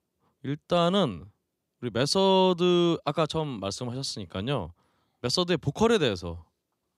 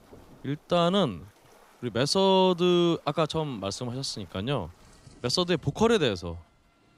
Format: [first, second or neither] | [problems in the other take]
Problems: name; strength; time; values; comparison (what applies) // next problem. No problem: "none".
first | rain or running water; faint; throughout; 30 dB below the speech